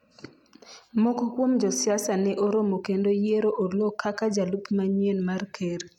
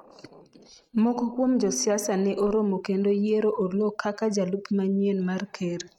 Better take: first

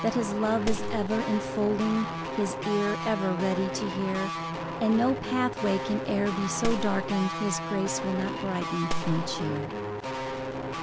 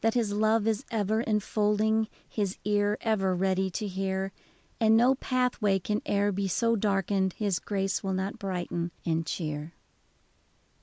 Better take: second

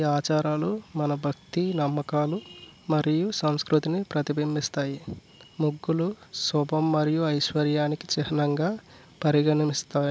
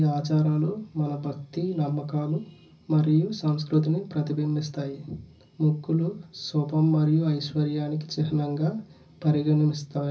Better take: first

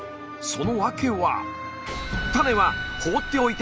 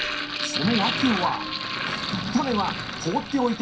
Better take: first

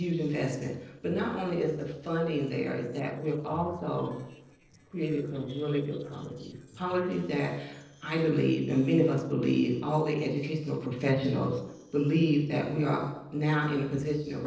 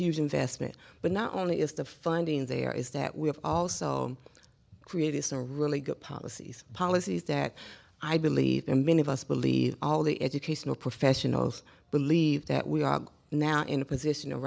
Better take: second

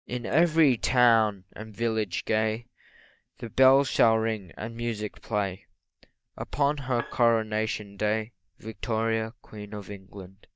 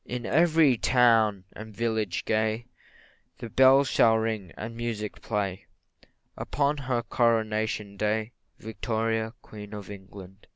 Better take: second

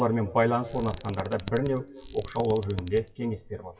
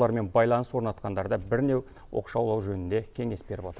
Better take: second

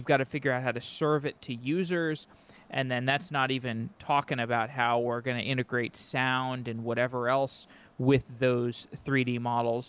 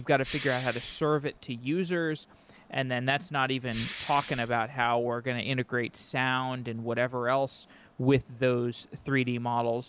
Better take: first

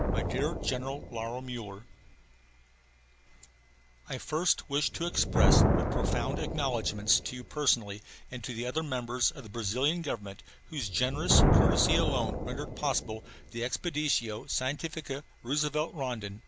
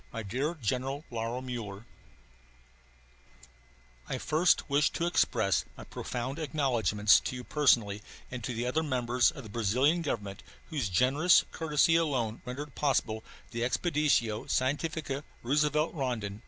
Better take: second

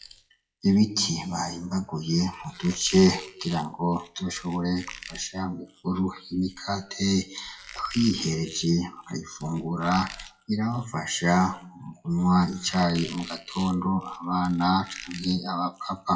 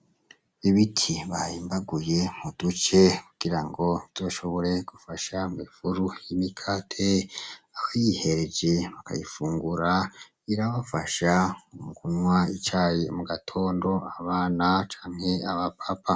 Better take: second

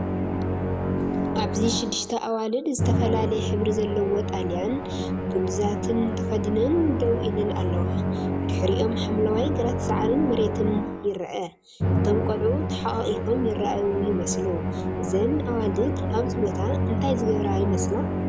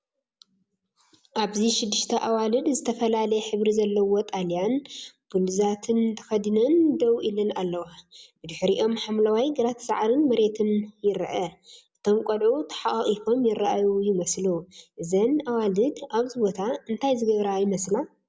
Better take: second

